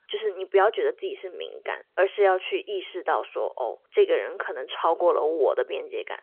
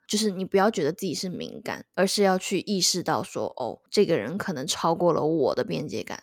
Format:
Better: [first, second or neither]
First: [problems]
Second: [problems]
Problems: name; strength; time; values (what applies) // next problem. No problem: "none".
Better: second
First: phone-call audio; nothing above 3.5 kHz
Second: none